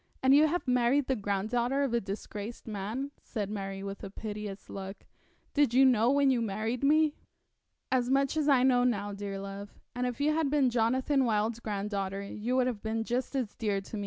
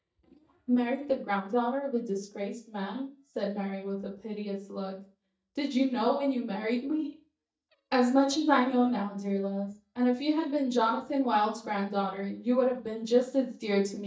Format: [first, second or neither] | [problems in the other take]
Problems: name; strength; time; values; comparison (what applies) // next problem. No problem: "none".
first | noise reduction (neural mask model DeepFilterNet 3)